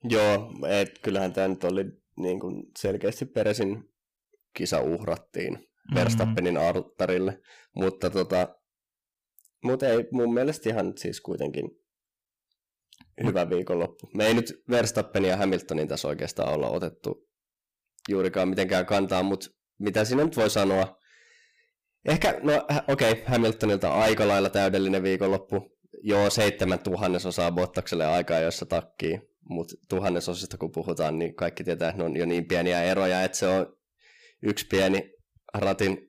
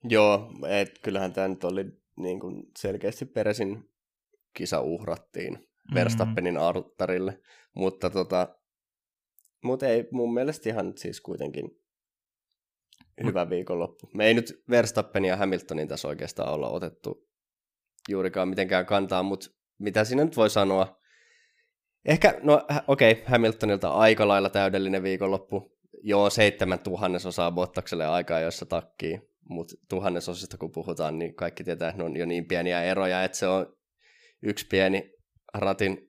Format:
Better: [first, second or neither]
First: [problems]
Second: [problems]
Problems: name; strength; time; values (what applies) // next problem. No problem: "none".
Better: second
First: distortion; heavy; 7% of the sound clipped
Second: none